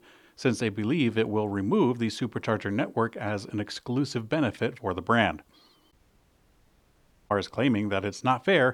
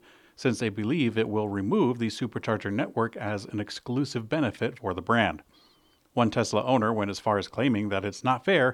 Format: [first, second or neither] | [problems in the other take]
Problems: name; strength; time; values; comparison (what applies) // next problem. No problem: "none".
second | audio cutting out; at 6 s for 1.5 s